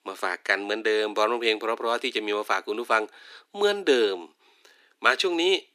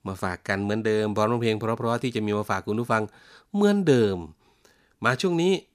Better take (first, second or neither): second